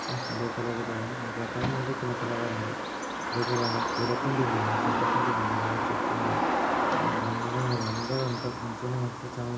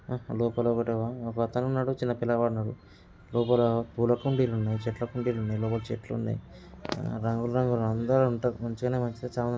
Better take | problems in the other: second | background sound (Bird vocalization, bird call, bird song); 3 dB above the speech // room echo; dies away in 0.4 s

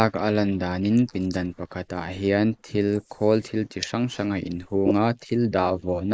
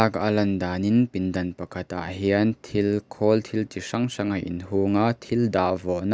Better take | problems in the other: second | noise reduction (neural mask model Resemble Enhance denoiser)

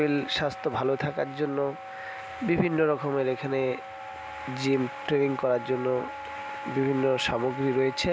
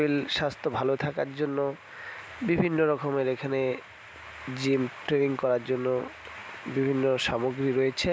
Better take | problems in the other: second | background sound (Wind instrument, woodwind instrument); 12 dB below the speech

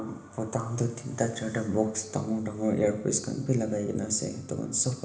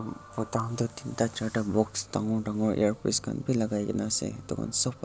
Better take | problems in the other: second | room echo; dies away in 1 s

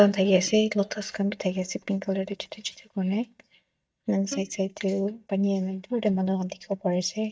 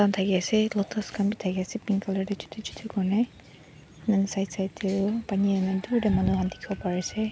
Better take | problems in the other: second | noise reduction (neural mask model DeepFilterNet 3)

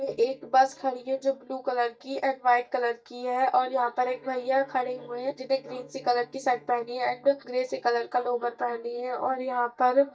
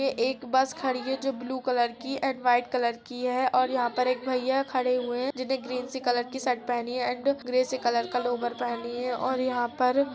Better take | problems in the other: second | noise reduction (neural mask model DeepFilterNet 3)

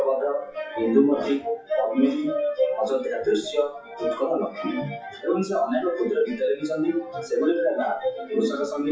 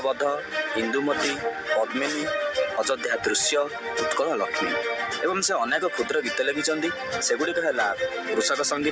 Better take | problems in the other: second | noise reduction (classical method WPE with log-MMSE)

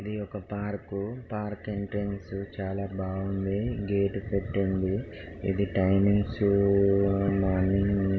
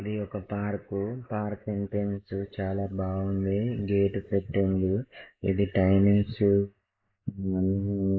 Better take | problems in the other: first | noise reduction (neural mask model Resemble Enhance denoiser)

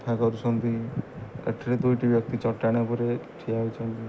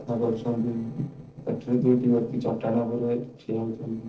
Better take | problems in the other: first | noise reduction (neural separator model SepFormer DNS4)

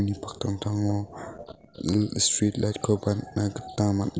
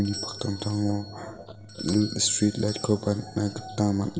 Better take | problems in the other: first | background sound (Doorbell); 15 dB below the speech // room echo; dies away in 2.3 s

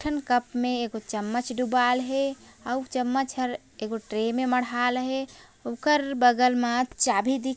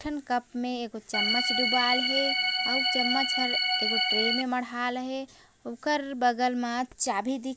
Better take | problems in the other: first | background sound (Organ); 4 dB above the speech

